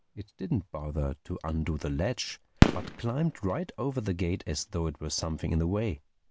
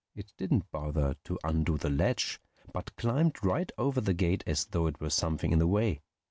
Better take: second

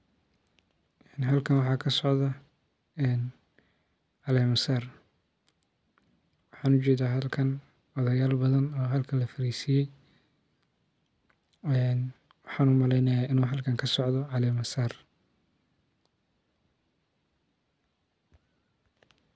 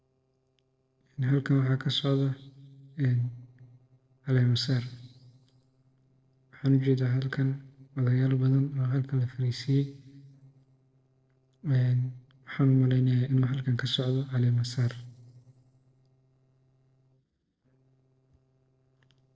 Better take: first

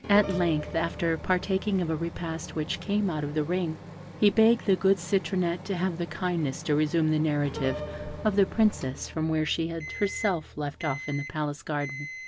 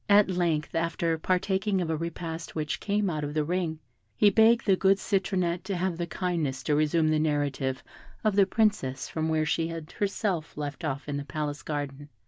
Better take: second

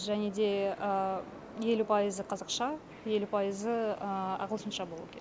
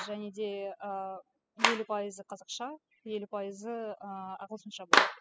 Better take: first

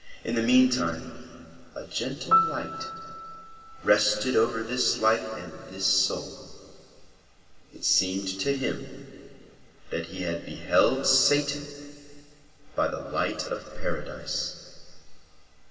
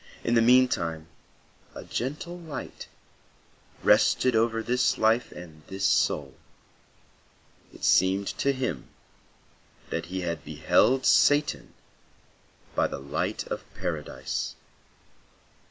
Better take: second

